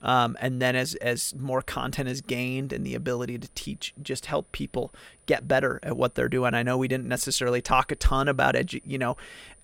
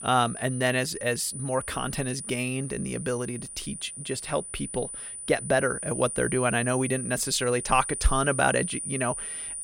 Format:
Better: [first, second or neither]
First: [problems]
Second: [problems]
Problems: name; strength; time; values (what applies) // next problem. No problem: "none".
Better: first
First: high-pitched whine; faint; throughout; 9.5 kHz, 30 dB below the speech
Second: high-pitched whine; loud; throughout; 9.5 kHz, 6 dB below the speech